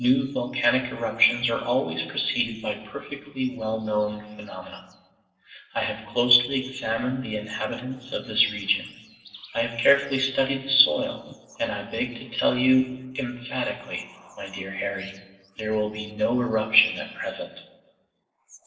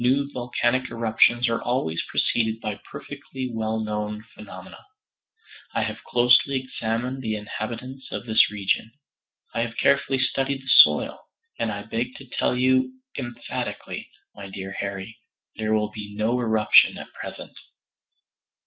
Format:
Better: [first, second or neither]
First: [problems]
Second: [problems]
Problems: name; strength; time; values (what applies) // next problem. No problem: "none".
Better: second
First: noise reduction (neural separator model SepFormer DNS4)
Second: none